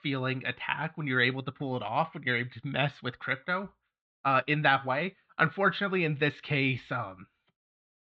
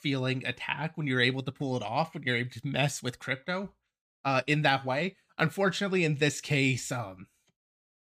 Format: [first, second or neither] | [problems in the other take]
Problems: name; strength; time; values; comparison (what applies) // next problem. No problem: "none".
second | muffled; very; fading above 3.5 kHz